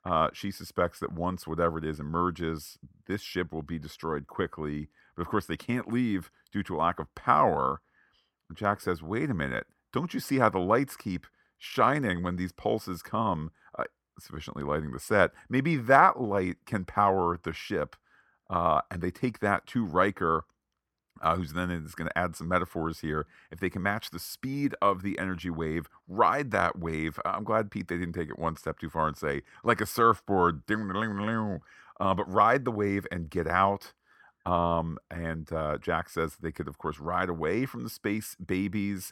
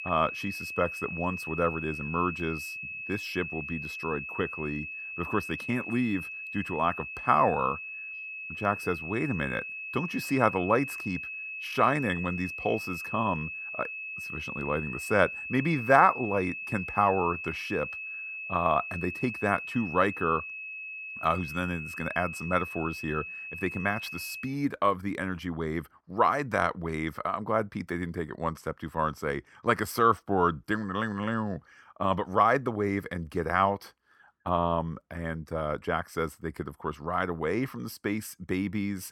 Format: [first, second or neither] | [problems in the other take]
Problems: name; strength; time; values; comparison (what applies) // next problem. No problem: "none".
first | high-pitched whine; loud; until 24 s; 2.5 kHz, 6 dB below the speech